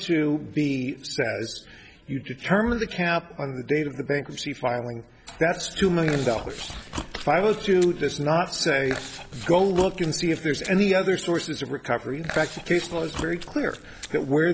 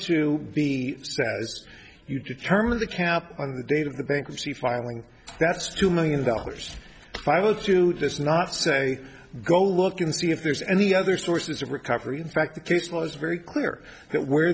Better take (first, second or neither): second